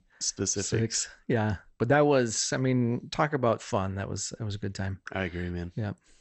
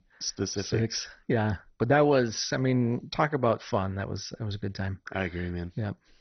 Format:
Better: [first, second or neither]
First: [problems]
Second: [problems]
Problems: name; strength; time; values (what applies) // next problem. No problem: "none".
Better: first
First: garbled, watery; slightly; nothing above 8 kHz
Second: garbled, watery; badly; nothing above 6 kHz